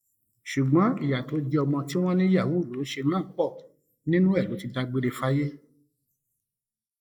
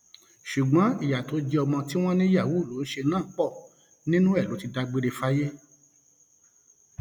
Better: second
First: noise reduction (neural mask model Resemble Enhance denoiser)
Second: none

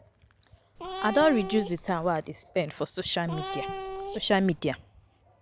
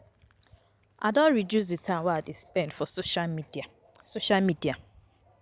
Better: second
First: background sound (Cat); 8 dB below the speech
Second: none

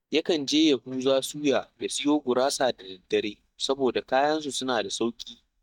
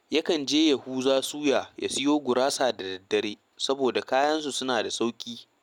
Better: second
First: noise reduction (neural mask model DeepFilterNet 3)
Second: none

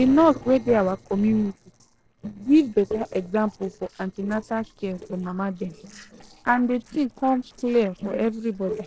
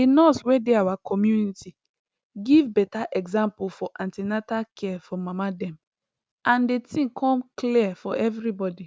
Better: second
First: noise reduction (neural separator model SepFormer DNS4)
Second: none

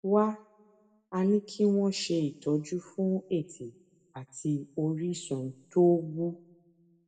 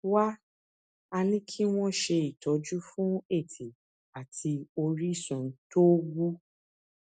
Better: second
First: room echo; dies away in 0.7 s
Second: none

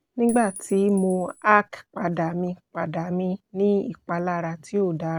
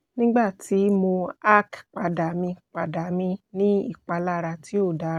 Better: second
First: background sound (Chink, clink); 19 dB below the speech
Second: none

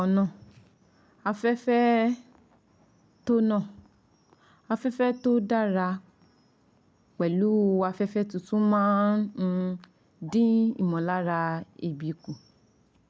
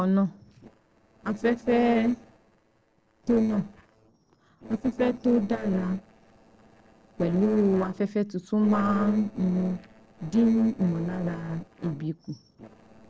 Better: first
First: none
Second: noise reduction (neural separator model SepFormer DNS4)

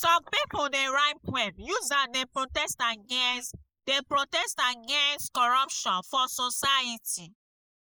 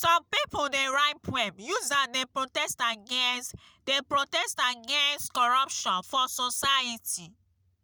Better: second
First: noise reduction (neural mask model Resemble Enhance denoiser)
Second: none

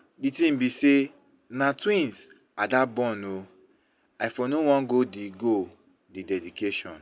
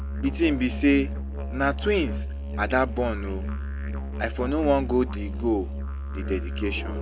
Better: first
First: none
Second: background sound (Musical instrument); 4 dB below the speech

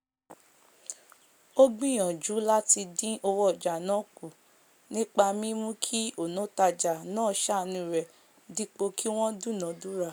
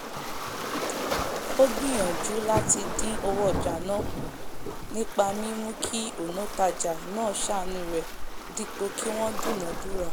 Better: first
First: none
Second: background sound (Waves, surf); 1 dB below the speech

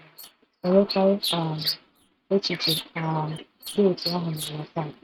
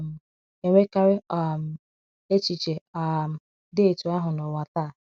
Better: second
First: noise reduction (neural mask model RNNoise)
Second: none

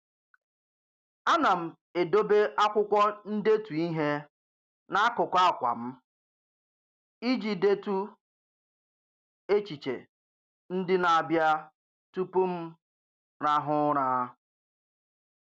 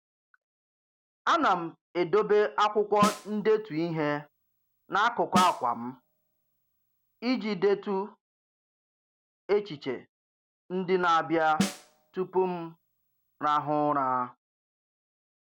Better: first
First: none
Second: background sound (Snare drum); 8 dB below the speech

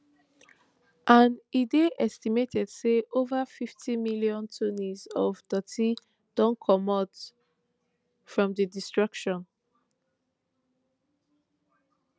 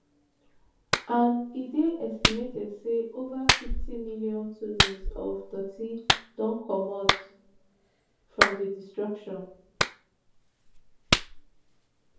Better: first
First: none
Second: background sound (Clapping); 2 dB above the speech // room echo; dies away in 0.6 s

